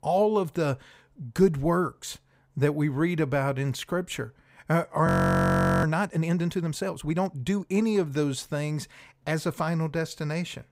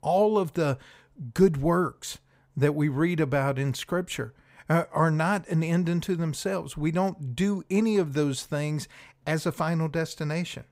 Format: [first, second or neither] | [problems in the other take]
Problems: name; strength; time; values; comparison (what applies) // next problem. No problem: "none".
second | audio freezing; at 5 s for 1 s